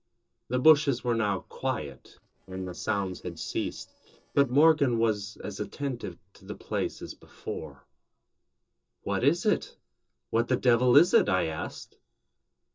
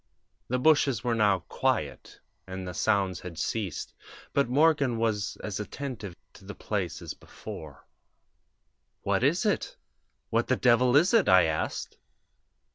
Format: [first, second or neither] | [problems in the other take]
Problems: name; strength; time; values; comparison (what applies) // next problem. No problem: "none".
second | noise reduction (neural separator model SepFormer DNS4)